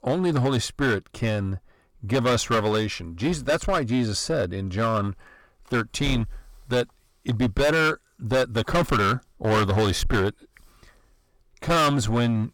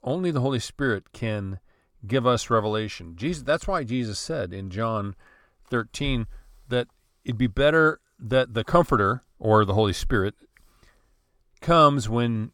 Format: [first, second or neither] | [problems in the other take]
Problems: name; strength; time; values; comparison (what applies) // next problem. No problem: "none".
second | distortion; heavy; 13% of the sound clipped